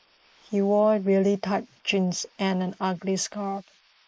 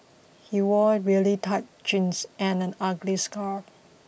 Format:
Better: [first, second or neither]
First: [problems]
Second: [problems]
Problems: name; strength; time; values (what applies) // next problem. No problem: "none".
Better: second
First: noise reduction (neural mask model Resemble Enhance denoiser)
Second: none